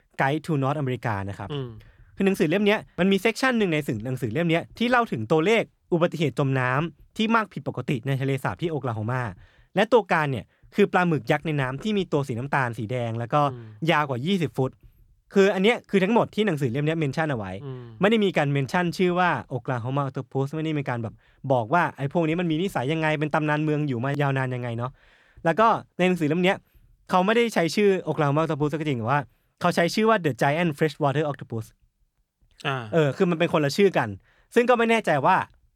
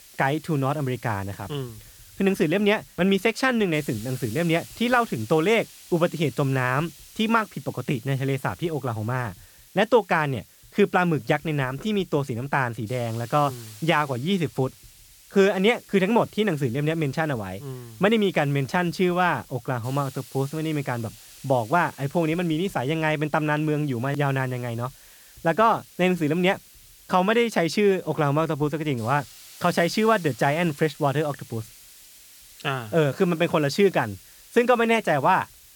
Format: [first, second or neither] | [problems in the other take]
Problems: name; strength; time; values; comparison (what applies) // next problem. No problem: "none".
first | hiss; faint; throughout; 20 dB below the speech